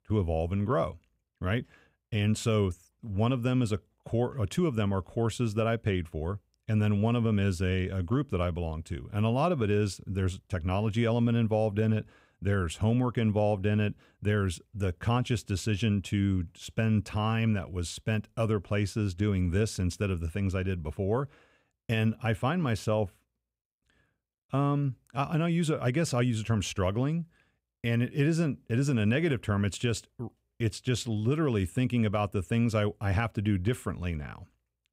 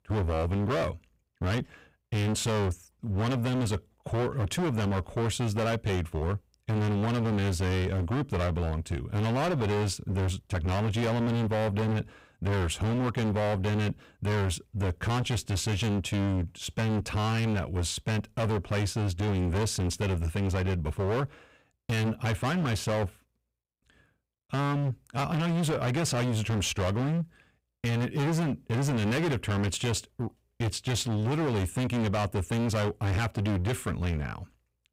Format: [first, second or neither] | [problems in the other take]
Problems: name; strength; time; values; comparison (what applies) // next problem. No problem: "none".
first | distortion; heavy; 32% of the sound clipped